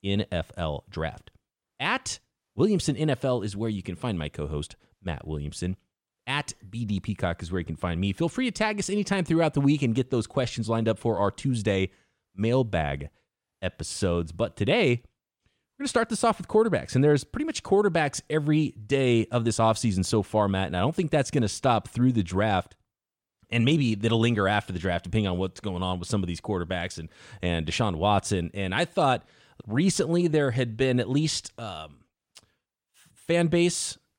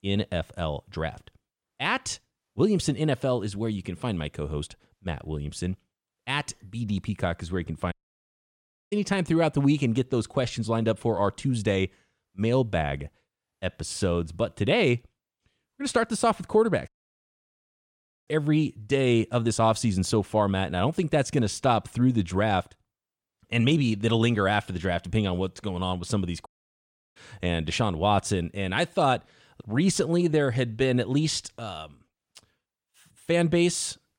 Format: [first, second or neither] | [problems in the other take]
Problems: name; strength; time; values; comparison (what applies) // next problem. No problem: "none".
first | audio cutting out; at 8 s for 1 s, at 17 s for 1.5 s and at 26 s for 0.5 s